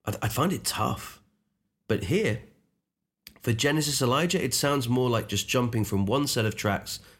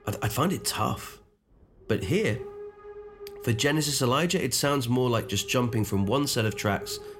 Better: first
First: none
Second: hiss; noticeable; throughout; 15 dB below the speech

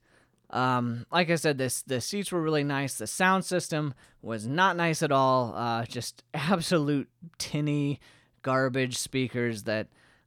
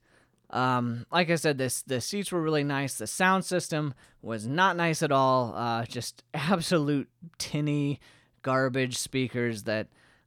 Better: neither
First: none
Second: none

